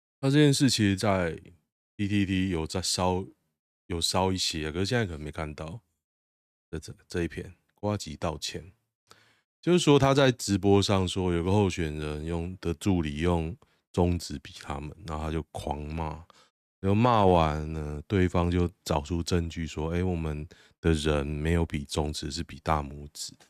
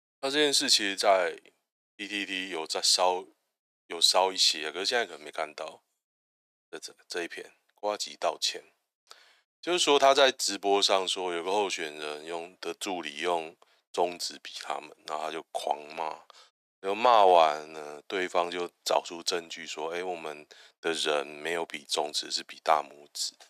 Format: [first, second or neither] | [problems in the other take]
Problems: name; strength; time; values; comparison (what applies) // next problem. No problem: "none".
first | thin; very; fading below 450 Hz